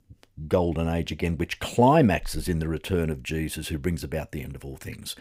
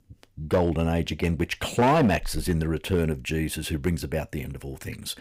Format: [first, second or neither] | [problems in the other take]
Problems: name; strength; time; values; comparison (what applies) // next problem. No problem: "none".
first | distortion; slight; 3% of the sound clipped